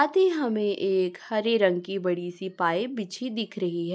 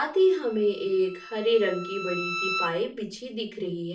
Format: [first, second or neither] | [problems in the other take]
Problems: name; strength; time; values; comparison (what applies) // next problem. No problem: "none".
first | background sound (Bowed string instrument); 10 dB below the speech // room echo; dies away in 0.3 s